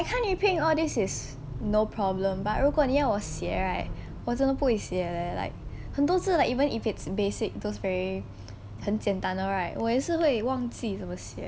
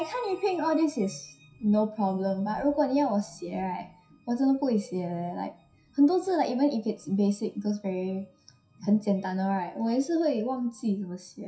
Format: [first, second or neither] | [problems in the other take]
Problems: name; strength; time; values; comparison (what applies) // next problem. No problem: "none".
first | noise reduction (classical method WPE with log-MMSE)